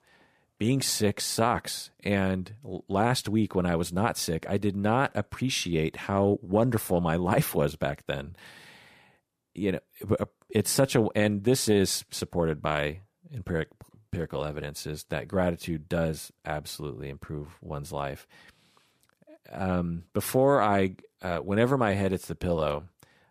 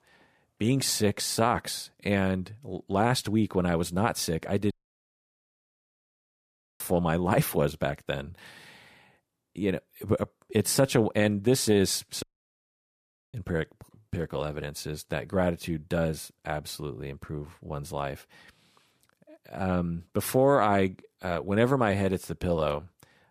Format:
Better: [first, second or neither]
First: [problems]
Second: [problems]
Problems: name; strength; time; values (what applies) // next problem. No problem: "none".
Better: first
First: none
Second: audio cutting out; at 4.5 s for 2 s and at 12 s for 1 s